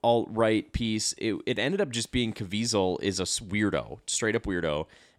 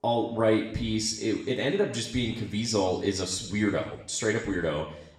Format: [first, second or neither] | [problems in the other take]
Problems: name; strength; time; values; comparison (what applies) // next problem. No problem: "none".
first | room echo; slight; dies away in 0.8 s // off-mic speech; somewhat distant